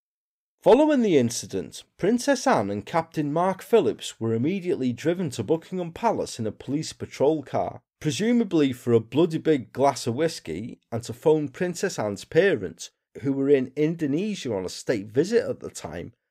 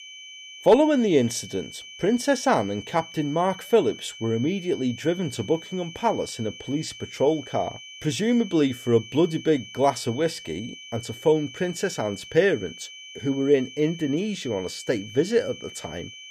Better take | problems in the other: first | high-pitched whine; noticeable; throughout; 3 kHz, 15 dB below the speech

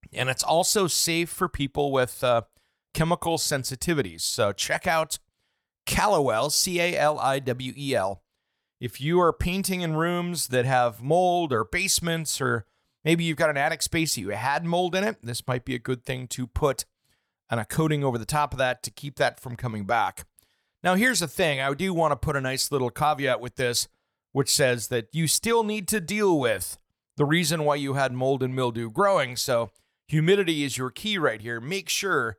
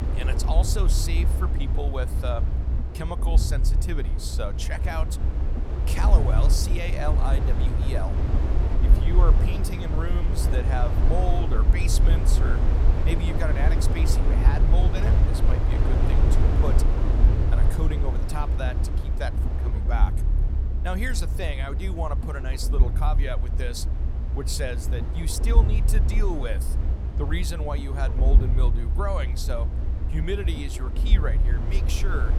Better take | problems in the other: first | low rumble; loud; throughout; 4 dB below the speech

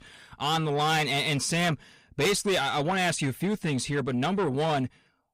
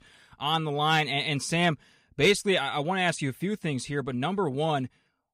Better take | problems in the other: second | distortion; heavy; 8 dB below the speech

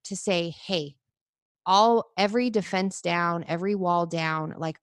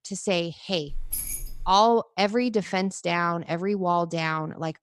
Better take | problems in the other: first | jangling keys; noticeable; at 1 s; peak 4 dB below the speech

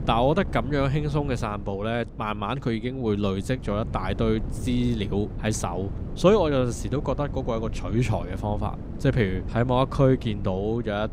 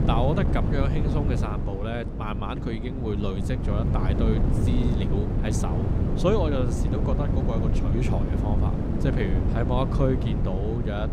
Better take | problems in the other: first | wind noise on the microphone; heavy; 3 dB below the speech; occasional gusts in the first

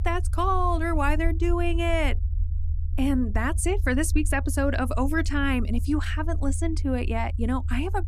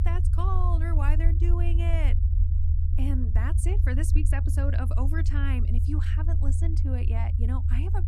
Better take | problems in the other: first | low rumble; loud; throughout; 6 dB below the speech; faint in the first

